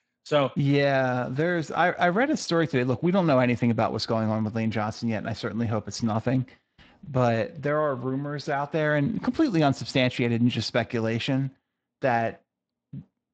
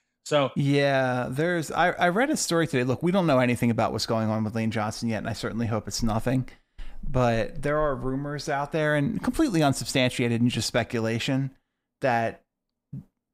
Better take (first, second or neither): second